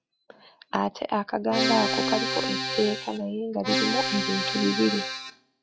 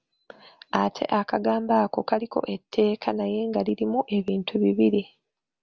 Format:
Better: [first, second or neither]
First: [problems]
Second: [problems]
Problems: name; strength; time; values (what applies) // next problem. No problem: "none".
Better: second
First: noise reduction (classical method log-MMSE)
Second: none